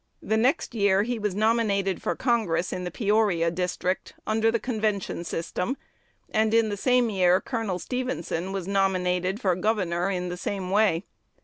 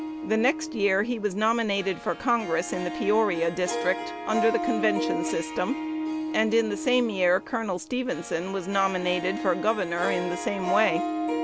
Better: first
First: none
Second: background sound (Harp); 6 dB below the speech

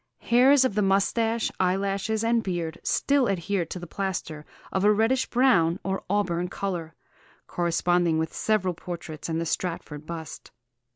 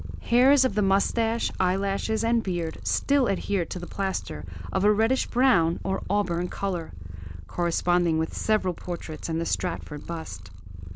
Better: first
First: none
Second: background sound (Purr); 9 dB below the speech

